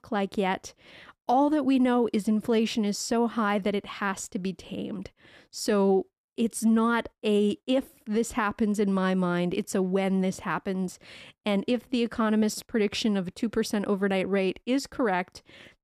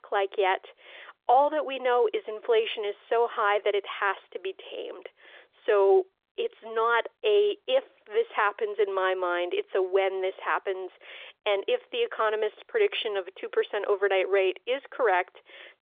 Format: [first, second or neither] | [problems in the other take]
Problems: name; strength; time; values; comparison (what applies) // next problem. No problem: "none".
first | phone-call audio; nothing above 3.5 kHz